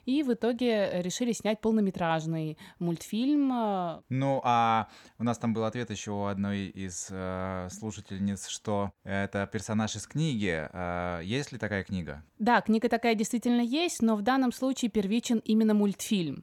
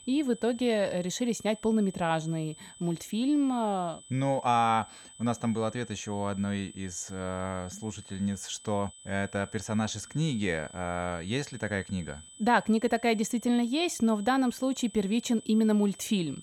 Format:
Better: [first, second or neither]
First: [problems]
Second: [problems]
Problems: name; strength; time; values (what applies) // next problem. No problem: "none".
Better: first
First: none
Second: high-pitched whine; noticeable; throughout; 8 kHz, 20 dB below the speech